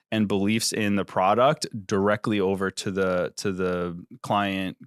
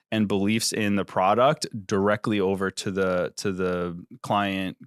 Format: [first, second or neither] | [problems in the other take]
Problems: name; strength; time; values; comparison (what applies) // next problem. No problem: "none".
neither | none